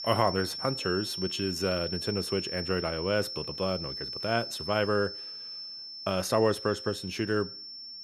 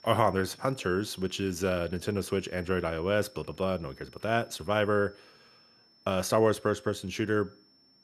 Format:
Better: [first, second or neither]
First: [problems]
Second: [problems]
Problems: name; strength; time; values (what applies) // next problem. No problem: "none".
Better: second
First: high-pitched whine; loud; throughout; 5.5 kHz, 6 dB below the speech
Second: high-pitched whine; faint; throughout; 5.5 kHz, 25 dB below the speech